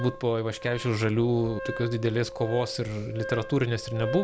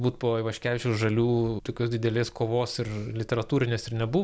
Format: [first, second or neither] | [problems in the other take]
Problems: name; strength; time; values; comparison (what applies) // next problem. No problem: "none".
second | background sound (Wind instrument, woodwind instrument); 11 dB below the speech